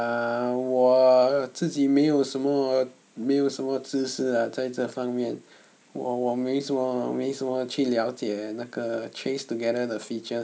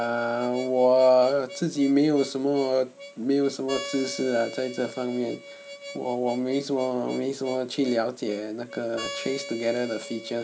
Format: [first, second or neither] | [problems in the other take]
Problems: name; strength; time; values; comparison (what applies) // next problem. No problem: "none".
first | background sound (Harmonica); 15 dB below the speech